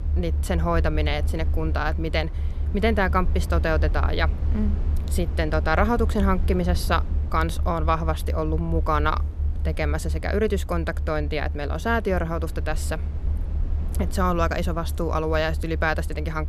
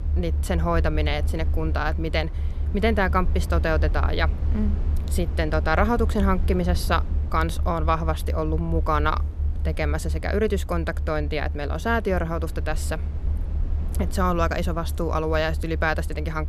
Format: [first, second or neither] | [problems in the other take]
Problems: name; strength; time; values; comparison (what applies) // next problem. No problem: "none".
neither | low rumble; noticeable; throughout; 20 dB below the speech; the same in both